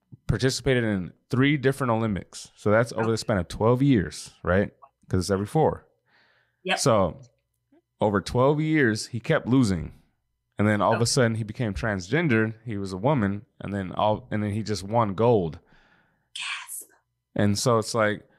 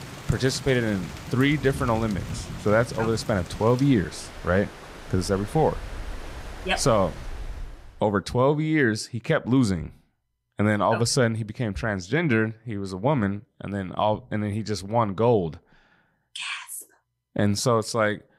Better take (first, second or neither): first